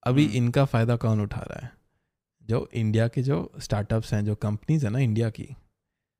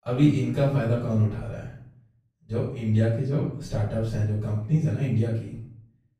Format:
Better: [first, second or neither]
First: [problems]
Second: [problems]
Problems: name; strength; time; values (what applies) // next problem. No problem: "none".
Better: first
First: none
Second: room echo; noticeable; dies away in 0.6 s // off-mic speech; far